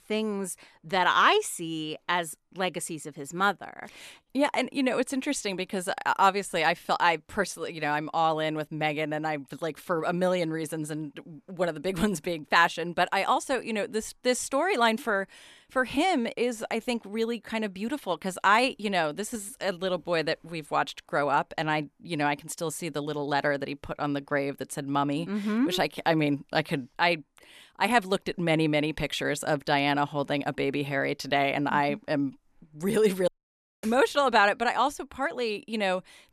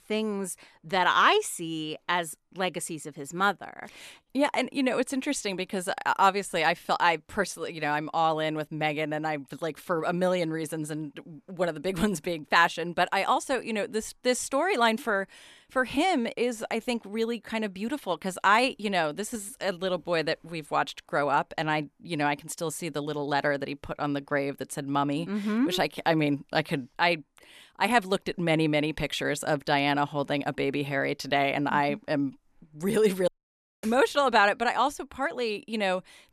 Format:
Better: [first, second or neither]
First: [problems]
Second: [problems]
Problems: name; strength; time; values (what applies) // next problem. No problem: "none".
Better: neither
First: audio cutting out; at 33 s for 0.5 s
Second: audio cutting out; at 33 s for 0.5 s